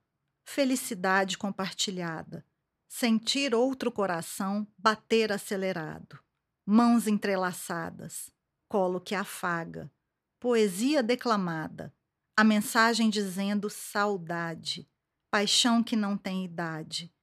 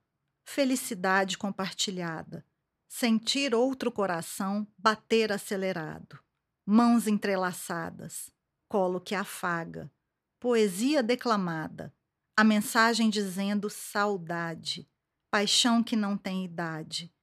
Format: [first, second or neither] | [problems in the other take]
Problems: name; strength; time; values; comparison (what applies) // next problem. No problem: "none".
neither | none